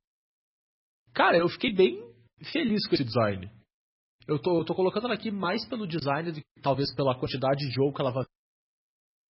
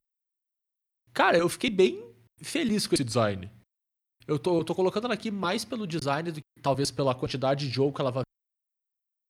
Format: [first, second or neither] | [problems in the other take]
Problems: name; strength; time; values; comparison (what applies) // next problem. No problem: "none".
second | garbled, watery; badly; nothing above 5.5 kHz